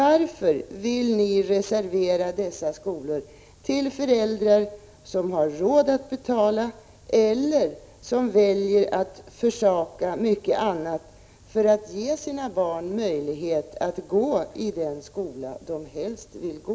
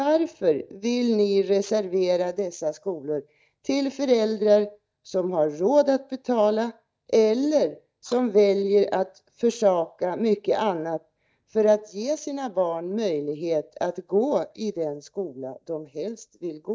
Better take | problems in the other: first | noise reduction (neural mask model DeepFilterNet 3)

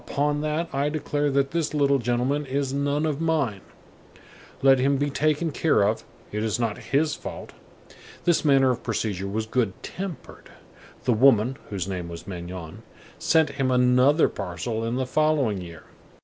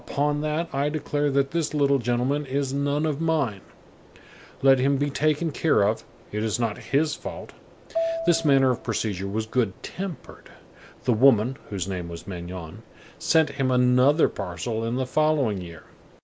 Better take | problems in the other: first | background sound (Marimba, xylophone); 9 dB below the speech

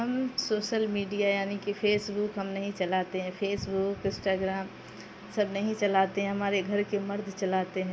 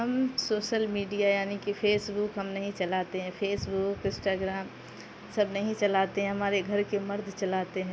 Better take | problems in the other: second | room echo; dies away in 0.8 s

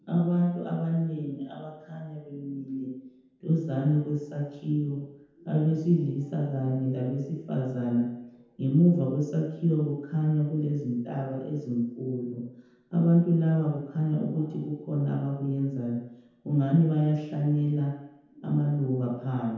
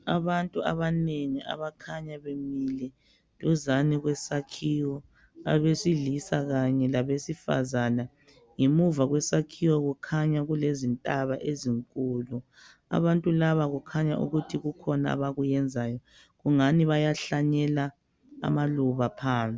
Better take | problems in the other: second | room echo; dies away in 0.9 s

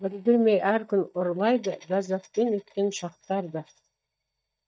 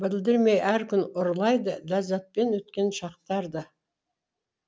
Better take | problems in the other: second | noise reduction (neural mask model DeepFilterNet 3)

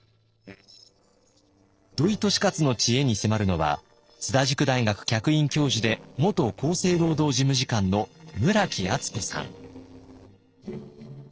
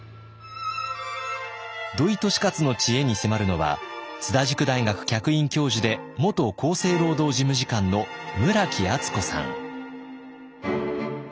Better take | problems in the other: second | noise reduction (neural separator model SepFormer DNS4)

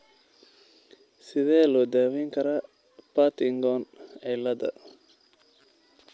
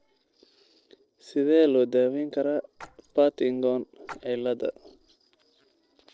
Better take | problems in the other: first | noise reduction (neural separator model SepFormer DNS4)

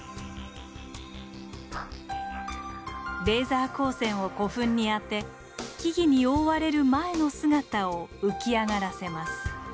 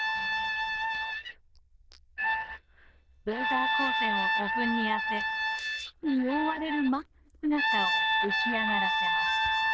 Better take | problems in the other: first | noise reduction (neural diffusion model UNIVERSE++)

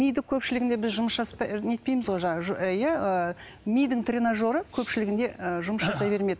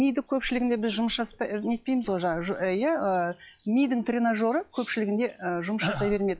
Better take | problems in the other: first | noise reduction (classical method log-MMSE)

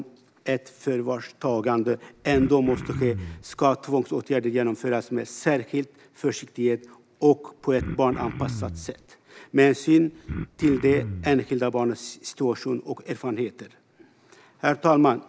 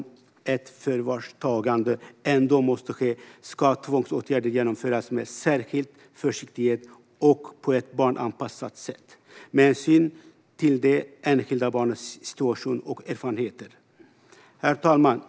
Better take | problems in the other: second | background sound (Cough); 9 dB below the speech

